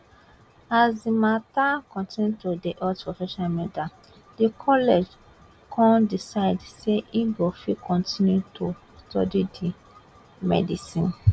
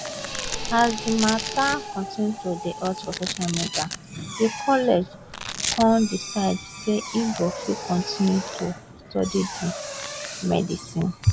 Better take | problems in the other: first | background sound (Drill + Domestic sounds, home sounds); 8 dB below the speech

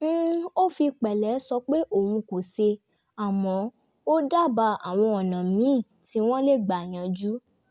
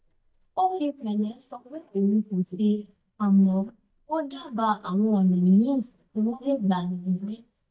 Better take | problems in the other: first | noise reduction (neural mask model DeepFilterNet 3)

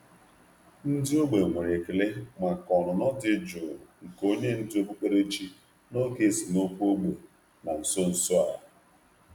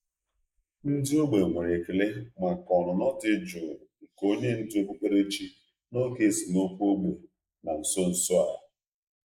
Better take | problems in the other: first | noise reduction (neural mask model Resemble Enhance denoiser)

